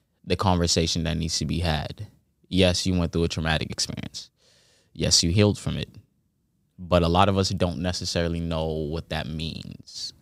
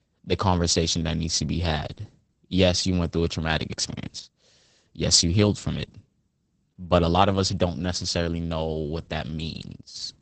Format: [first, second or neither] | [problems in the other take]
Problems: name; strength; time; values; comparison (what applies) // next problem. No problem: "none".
first | garbled, watery; badly; nothing above 8 kHz